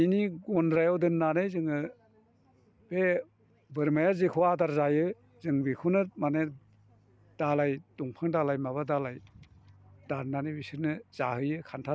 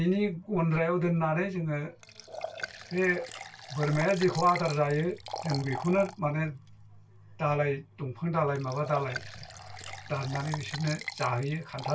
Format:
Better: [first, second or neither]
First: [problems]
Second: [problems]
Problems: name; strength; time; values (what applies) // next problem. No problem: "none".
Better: first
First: none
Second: background sound (Liquid); 13 dB below the speech // room echo; dies away in 0.2 s